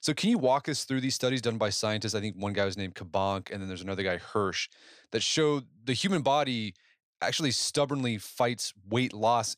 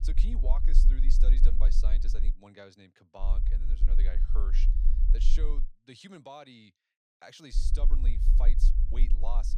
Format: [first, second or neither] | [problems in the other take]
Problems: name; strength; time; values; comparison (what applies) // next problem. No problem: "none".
first | low rumble; loud; until 2.5 s, from 3 to 5.5 s and from 7.5 s on; 7 dB below the speech